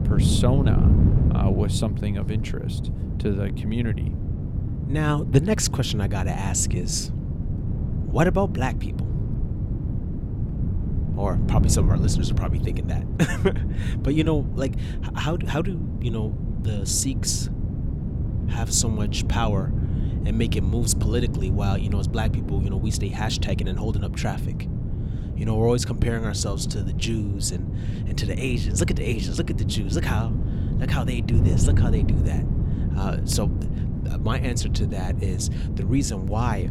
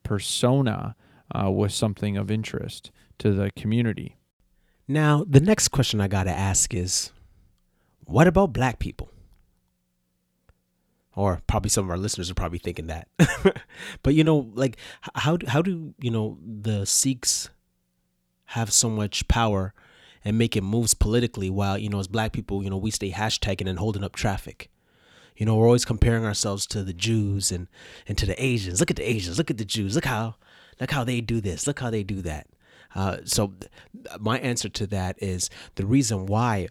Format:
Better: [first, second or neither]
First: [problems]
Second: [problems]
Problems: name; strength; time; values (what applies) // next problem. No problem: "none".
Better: second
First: wind noise on the microphone; heavy; 7 dB below the speech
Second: none